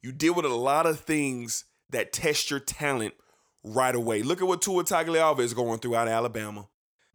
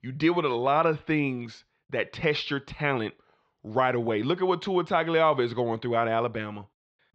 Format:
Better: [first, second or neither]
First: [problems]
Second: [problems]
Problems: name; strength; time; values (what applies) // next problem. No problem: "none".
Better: first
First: none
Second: muffled; slightly; fading above 4 kHz